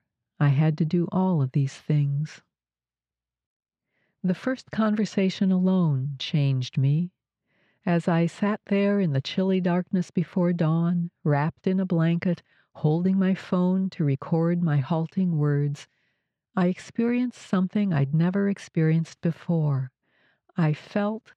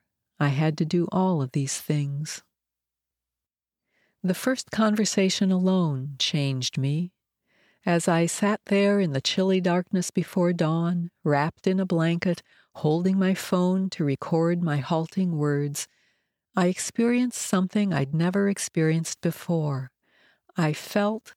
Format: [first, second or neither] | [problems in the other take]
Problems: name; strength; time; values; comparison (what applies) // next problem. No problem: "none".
second | muffled; slightly; fading above 3.5 kHz